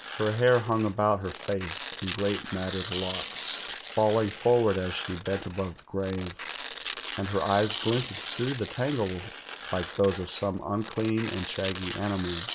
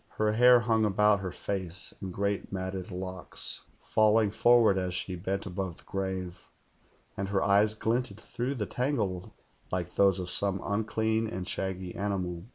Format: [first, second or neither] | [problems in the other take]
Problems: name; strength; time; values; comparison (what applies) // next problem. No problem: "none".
second | background sound (Tearing); 10 dB below the speech